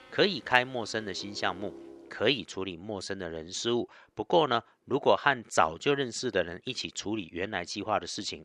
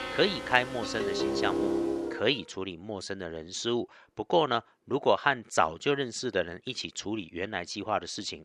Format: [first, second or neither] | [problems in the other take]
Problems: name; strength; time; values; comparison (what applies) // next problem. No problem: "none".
first | background music; loud; until 2 s; 2 dB below the speech; faint in the first